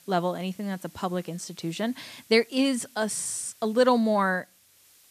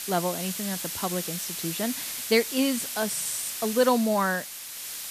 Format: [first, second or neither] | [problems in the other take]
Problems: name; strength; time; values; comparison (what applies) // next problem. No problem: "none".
first | hiss; loud; throughout; 4 dB below the speech; faint in the first